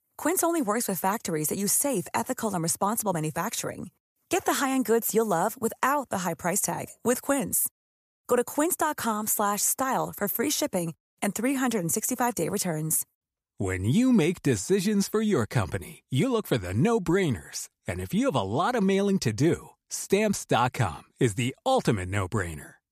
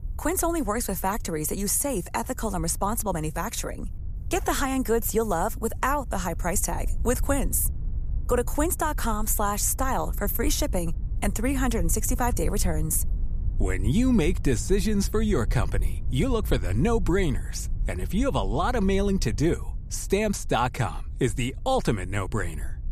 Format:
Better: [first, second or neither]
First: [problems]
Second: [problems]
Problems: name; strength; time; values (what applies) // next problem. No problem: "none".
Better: first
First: none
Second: wind noise on the microphone; occasional gusts; 25 dB below the speech